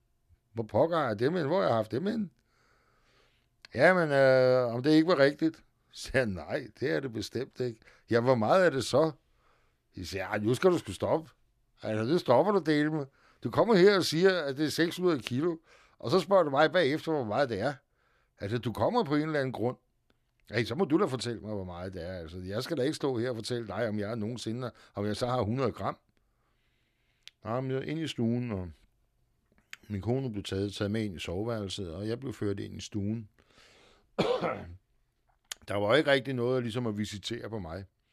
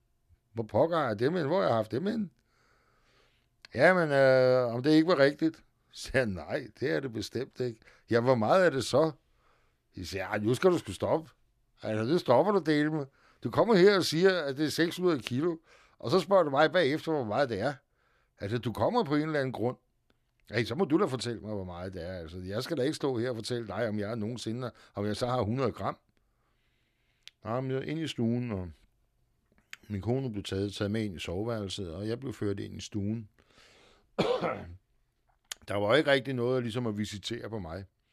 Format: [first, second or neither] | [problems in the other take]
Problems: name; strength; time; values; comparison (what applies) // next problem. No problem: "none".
neither | none